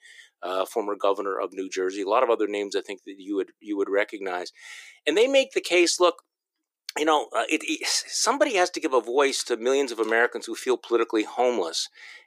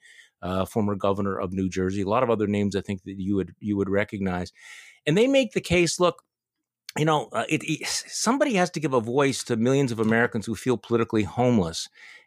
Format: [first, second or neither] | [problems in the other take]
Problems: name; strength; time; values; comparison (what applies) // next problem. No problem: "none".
second | thin; somewhat; fading below 300 Hz